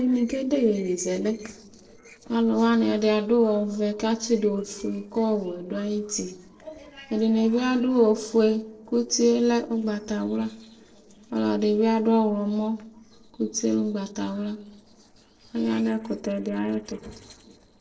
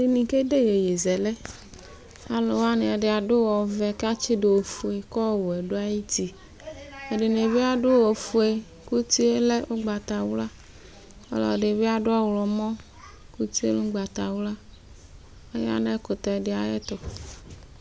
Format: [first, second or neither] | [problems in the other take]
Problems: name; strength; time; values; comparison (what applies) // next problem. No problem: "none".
second | noise reduction (neural separator model SepFormer DNS4)